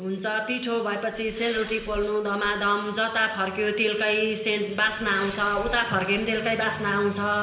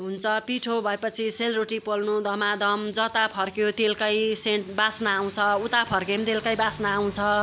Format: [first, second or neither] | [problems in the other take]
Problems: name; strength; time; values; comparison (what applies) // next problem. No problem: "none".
second | background sound (Respiratory sounds); 16 dB below the speech // room echo; dies away in 0.9 s